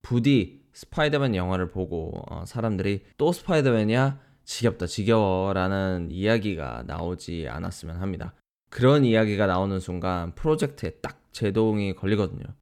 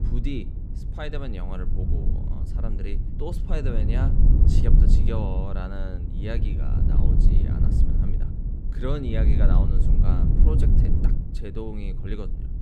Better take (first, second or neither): first